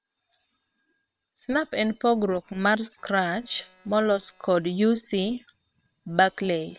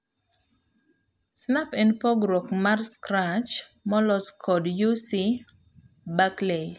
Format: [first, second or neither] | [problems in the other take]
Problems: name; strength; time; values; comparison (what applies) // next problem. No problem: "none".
second | noise reduction (neural separator model SepFormer WHAM!)